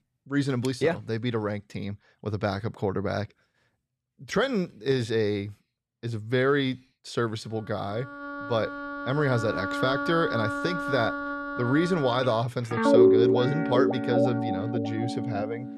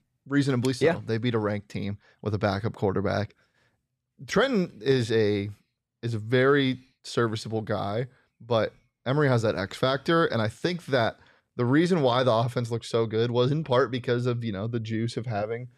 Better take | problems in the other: second | background music; very loud; from 8 s on; 1 dB above the speech

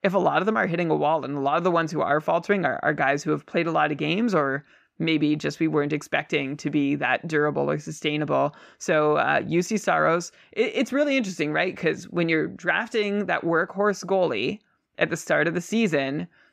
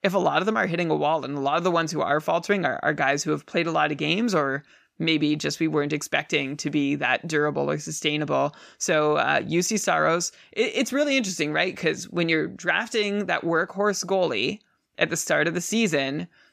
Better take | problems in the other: second | muffled; slightly; fading above 3 kHz

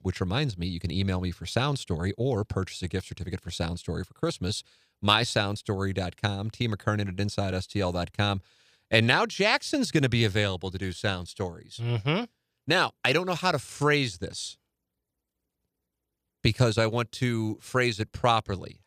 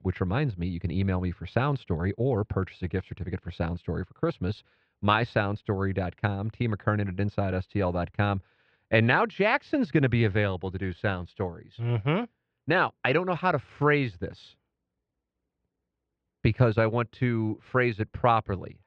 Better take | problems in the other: first | muffled; very; fading above 2.5 kHz

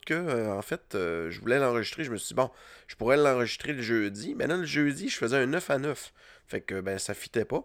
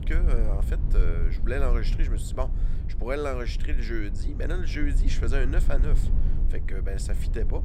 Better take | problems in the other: first | low rumble; noticeable; throughout; 10 dB below the speech

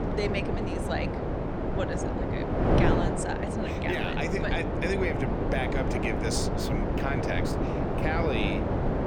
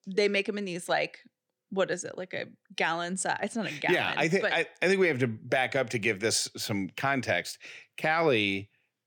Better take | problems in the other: second | wind noise on the microphone; heavy; 1 dB above the speech

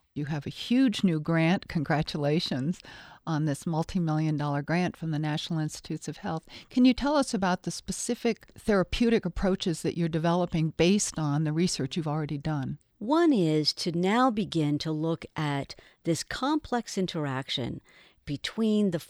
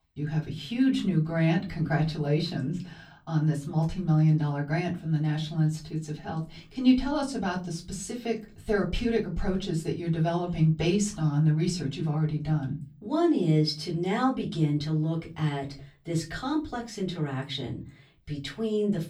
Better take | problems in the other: first | off-mic speech; far // room echo; very slight; dies away in 0.3 s

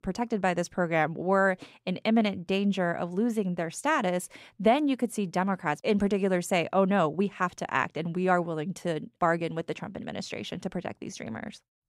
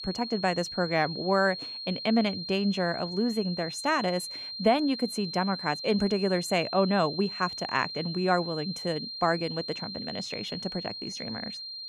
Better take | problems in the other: first | high-pitched whine; loud; throughout; 4 kHz, 7 dB below the speech

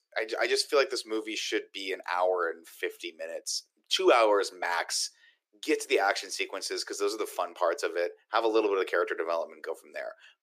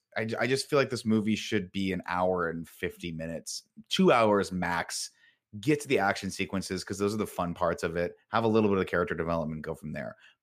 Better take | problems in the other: second | thin; very; fading below 350 Hz

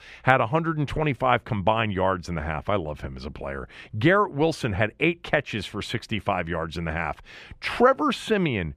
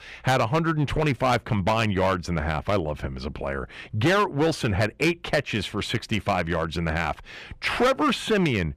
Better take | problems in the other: first | distortion; heavy; 7% of the sound clipped

